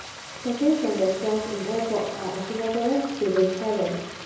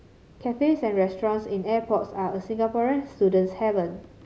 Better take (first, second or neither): second